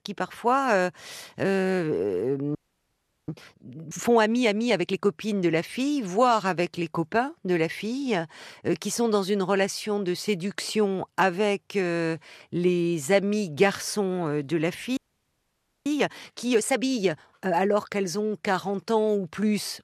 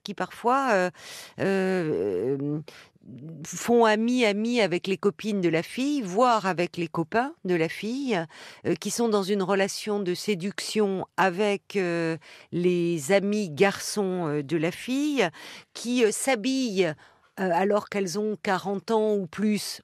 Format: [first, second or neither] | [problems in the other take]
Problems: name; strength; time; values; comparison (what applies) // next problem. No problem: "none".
second | audio freezing; at 2.5 s for 0.5 s and at 15 s for 1 s